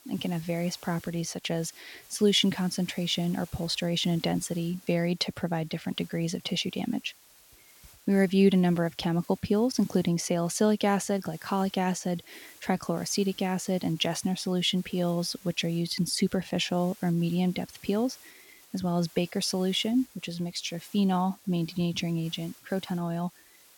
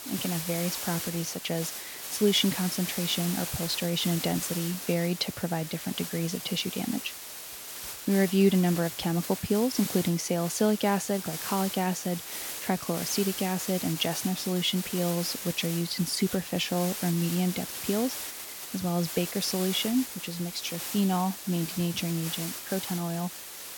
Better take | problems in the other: first | hiss; loud; throughout; 6 dB below the speech; faint in the first

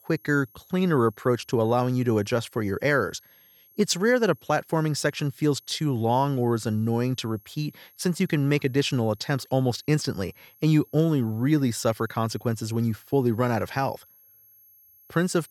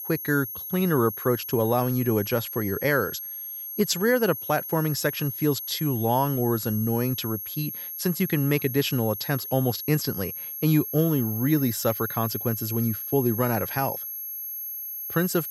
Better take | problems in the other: first | high-pitched whine; loud; throughout; 11.5 kHz, 6 dB below the speech; faint in the first

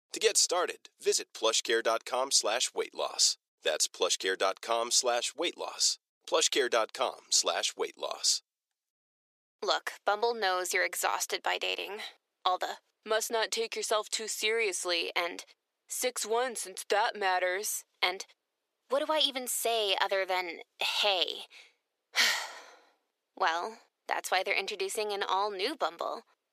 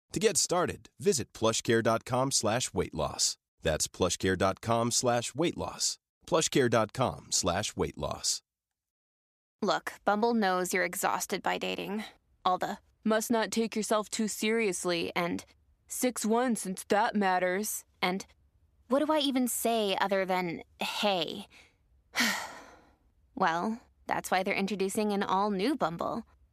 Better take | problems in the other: second | thin; very; fading below 400 Hz

